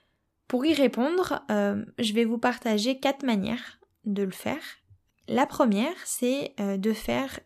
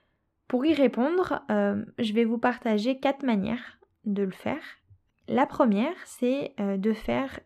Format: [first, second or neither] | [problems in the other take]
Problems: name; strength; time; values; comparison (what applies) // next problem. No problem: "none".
first | muffled; slightly; fading above 3.5 kHz